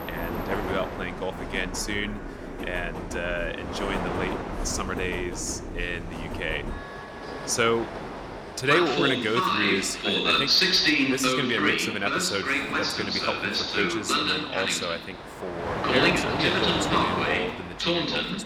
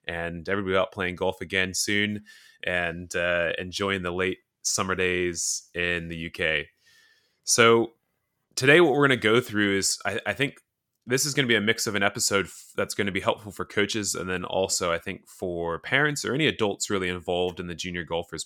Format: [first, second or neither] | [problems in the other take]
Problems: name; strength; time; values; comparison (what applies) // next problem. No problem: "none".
second | train or aircraft noise; very loud; throughout; 4 dB above the speech